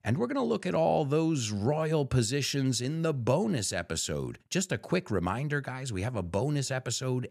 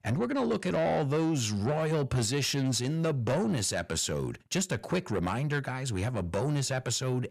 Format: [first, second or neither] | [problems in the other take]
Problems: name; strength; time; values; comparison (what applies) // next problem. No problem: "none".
first | distortion; slight; 10 dB below the speech